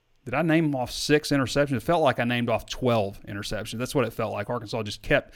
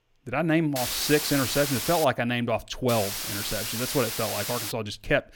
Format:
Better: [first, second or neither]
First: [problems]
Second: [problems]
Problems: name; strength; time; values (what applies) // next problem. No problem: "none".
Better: first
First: none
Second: hiss; loud; from 1 to 2 s and from 3 to 4.5 s; 3 dB below the speech